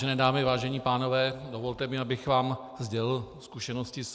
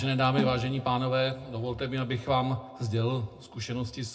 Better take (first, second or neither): first